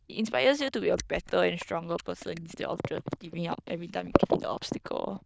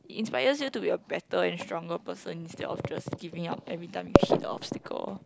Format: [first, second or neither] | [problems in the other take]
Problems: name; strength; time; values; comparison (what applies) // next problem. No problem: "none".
second | noise reduction (neural diffusion model UNIVERSE++)